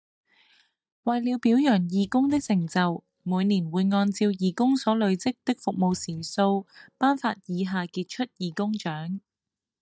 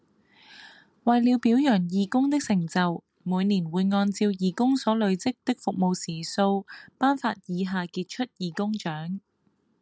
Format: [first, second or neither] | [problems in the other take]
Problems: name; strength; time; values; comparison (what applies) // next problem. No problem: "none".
second | noise reduction (neural mask model DeepFilterNet 3)